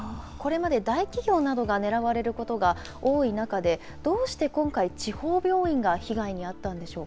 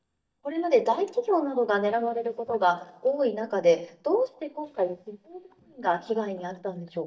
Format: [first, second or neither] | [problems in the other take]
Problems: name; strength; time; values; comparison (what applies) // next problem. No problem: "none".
first | noise reduction (neural mask model DeepFilterNet 3)